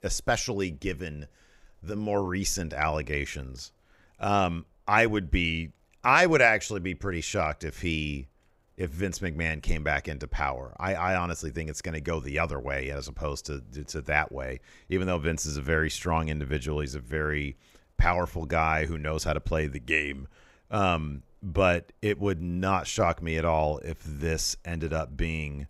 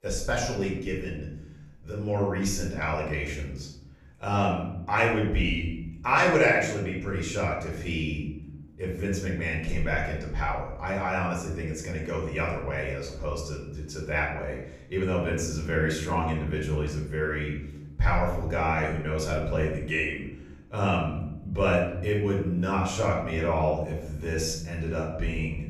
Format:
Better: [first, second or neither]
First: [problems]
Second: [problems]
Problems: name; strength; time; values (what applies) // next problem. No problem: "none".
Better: first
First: none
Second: off-mic speech; far // room echo; noticeable; dies away in 0.9 s